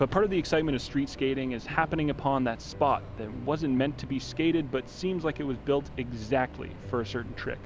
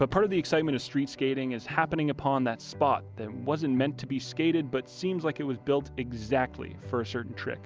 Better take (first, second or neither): second